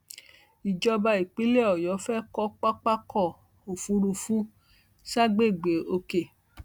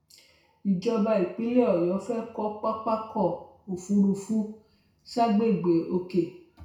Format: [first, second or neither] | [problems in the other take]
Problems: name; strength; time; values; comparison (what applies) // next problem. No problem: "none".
first | room echo; dies away in 0.6 s